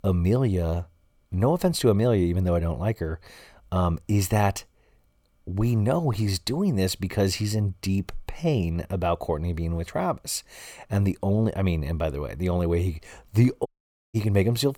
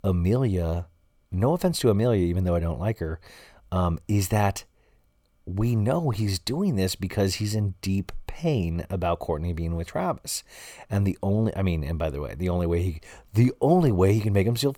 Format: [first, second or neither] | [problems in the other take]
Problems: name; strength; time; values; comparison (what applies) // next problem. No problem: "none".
second | audio cutting out; at 14 s